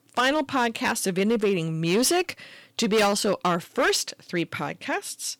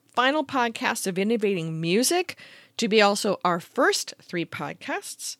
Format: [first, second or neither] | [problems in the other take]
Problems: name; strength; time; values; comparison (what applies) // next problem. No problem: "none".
second | distortion; slight; 7% of the sound clipped